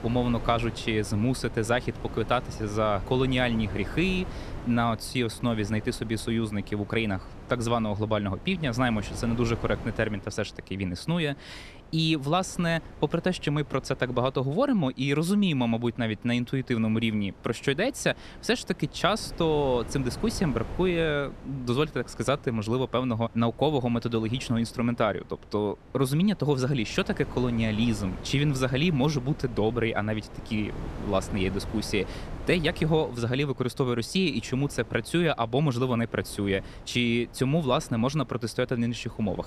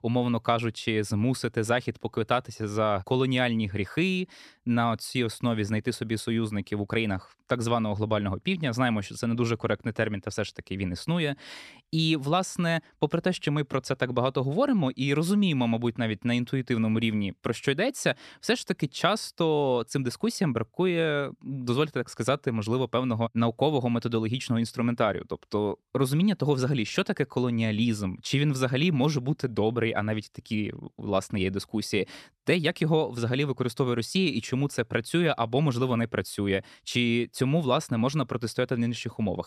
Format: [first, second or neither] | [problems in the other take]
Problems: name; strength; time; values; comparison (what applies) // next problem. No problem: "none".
second | wind noise on the microphone; occasional gusts; 15 dB below the speech